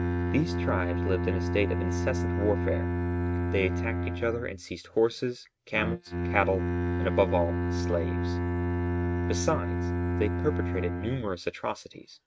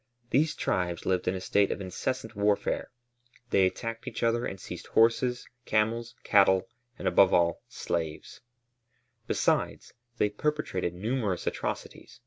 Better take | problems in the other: second | noise reduction (neural mask model RNNoise)

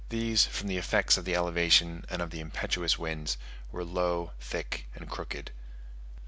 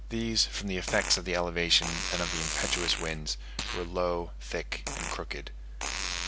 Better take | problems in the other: first | background sound (Fart); 6 dB below the speech

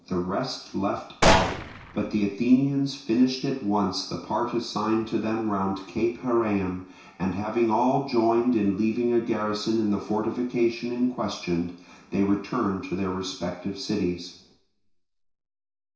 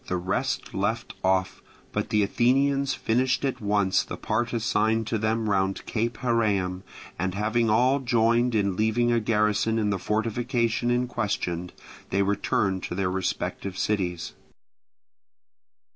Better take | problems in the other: second | background sound (Gunshot, gunfire); as loud as the speech // room echo; dies away in 0.6 s

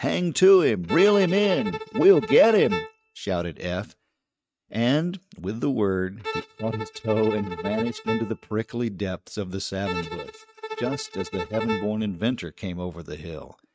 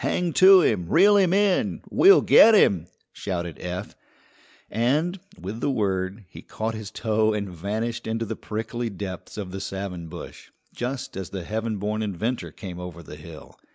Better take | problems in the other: second | noise reduction (neural mask model RNNoise)

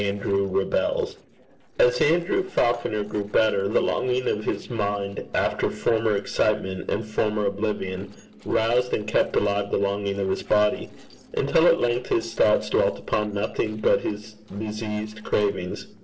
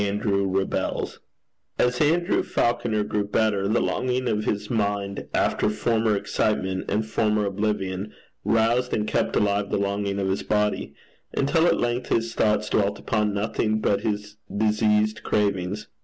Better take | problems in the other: second | noise reduction (neural separator model SepFormer DNS4)

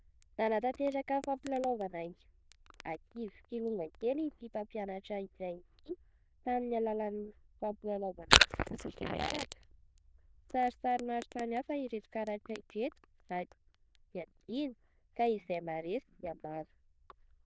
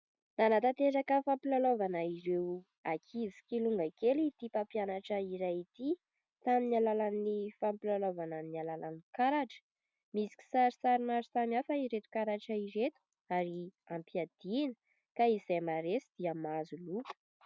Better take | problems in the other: second | noise reduction (neural diffusion model UNIVERSE++)

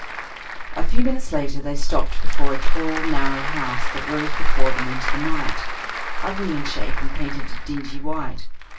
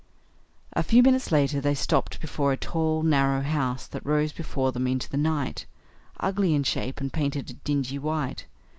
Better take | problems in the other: second | background sound (Applause / Crowd); 16 dB below the speech // room echo; dies away in 0.1 s

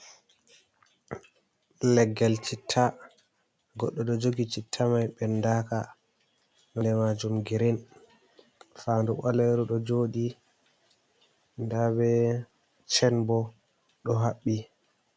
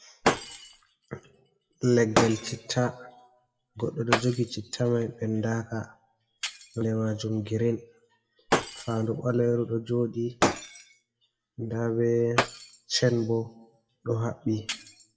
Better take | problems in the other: first | noise reduction (classical method WPE with log-MMSE)

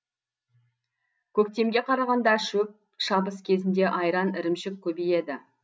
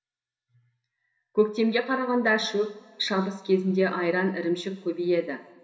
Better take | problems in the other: first | room echo; dies away in 2.8 s

